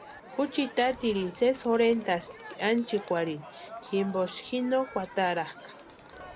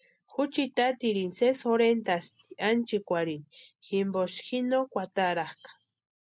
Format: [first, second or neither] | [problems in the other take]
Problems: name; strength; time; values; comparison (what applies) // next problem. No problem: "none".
second | background sound (Crowd); 17 dB below the speech